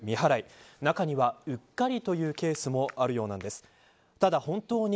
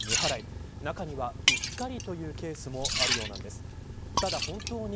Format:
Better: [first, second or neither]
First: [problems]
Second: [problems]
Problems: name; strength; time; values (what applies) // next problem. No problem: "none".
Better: first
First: none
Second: background sound (Liquid); 5 dB above the speech